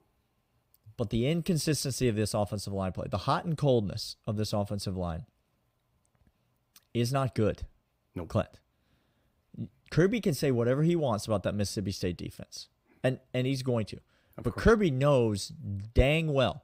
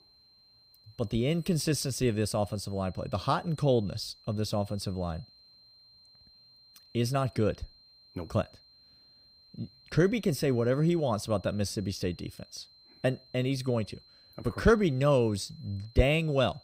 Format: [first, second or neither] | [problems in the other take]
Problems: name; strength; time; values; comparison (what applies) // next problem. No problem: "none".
first | high-pitched whine; faint; throughout; 4 kHz, 25 dB below the speech